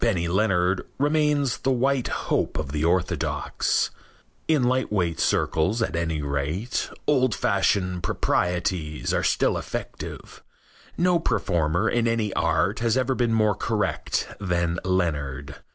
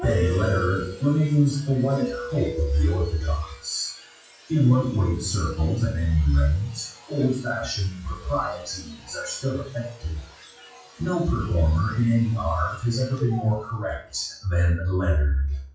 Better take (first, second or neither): first